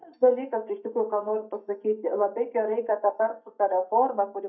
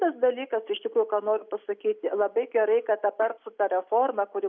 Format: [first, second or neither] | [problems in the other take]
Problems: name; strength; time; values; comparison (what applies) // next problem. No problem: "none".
second | noise reduction (neural mask model DeepFilterNet 3)